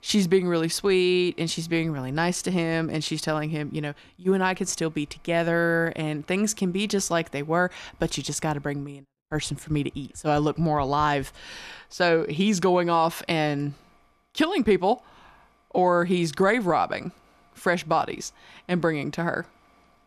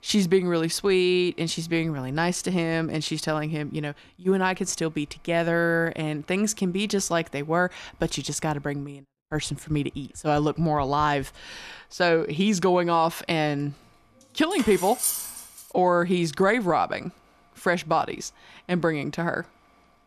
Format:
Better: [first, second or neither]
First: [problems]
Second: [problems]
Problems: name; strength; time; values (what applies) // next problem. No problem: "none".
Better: first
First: none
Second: clattering dishes; noticeable; at 15 s; peak level with the speech